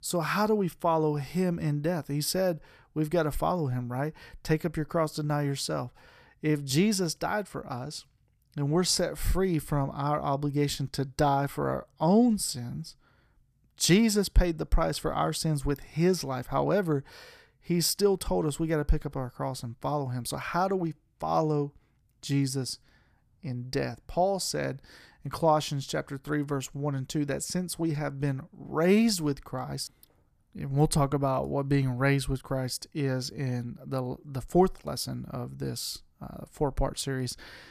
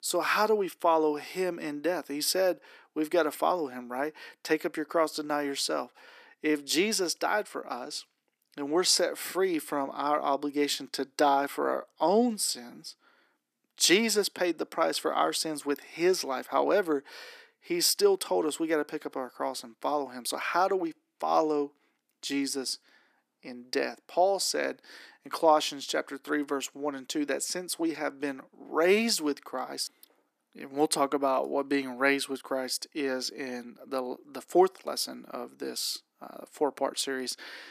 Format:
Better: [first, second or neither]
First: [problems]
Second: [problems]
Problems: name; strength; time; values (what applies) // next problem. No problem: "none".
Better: first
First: none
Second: thin; somewhat; fading below 250 Hz